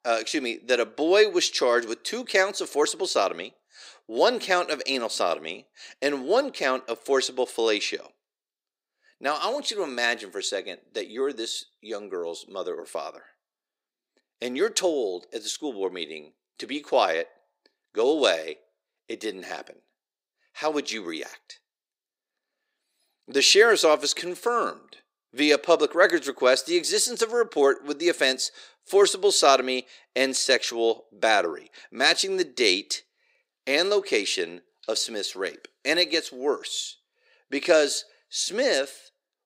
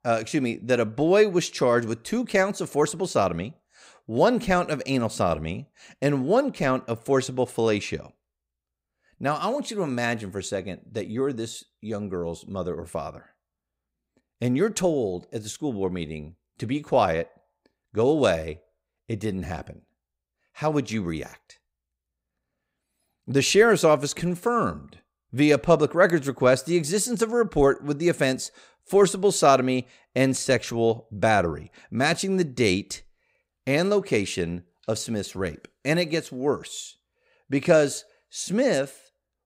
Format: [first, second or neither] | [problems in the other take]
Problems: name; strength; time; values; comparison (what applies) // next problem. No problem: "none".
second | thin; somewhat; fading below 350 Hz